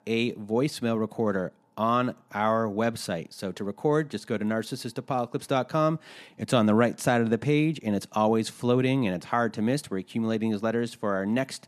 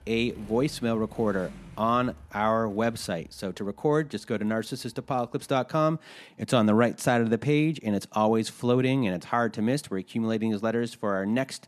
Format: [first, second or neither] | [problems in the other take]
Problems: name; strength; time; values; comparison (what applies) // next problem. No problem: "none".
first | traffic noise; faint; throughout; 25 dB below the speech